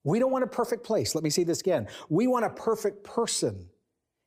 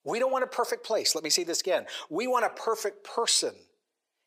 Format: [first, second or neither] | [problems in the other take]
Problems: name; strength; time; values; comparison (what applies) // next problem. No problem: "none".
first | thin; somewhat; fading below 550 Hz